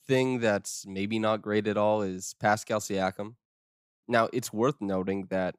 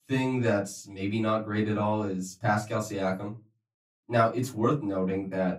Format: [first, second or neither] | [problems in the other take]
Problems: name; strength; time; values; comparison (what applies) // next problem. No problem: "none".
first | off-mic speech; far // room echo; very slight; dies away in 0.2 s